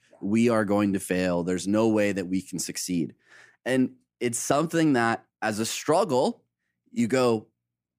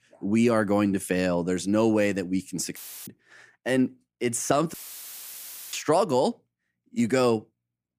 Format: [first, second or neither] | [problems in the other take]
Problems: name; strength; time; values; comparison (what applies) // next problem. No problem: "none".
first | audio cutting out; filled with static; at 3 s and at 4.5 s for 1 s